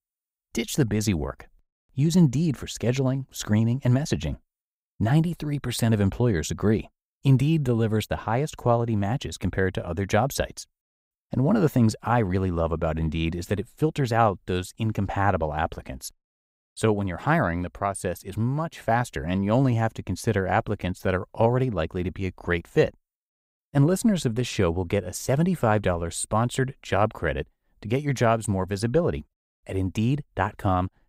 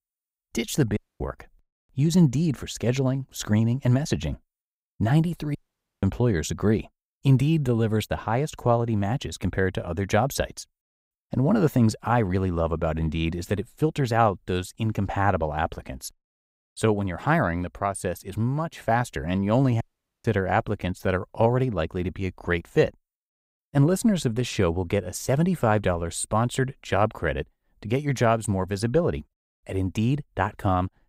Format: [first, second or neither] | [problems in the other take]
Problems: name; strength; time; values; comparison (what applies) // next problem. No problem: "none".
first | audio cutting out; at 1 s, at 5.5 s and at 20 s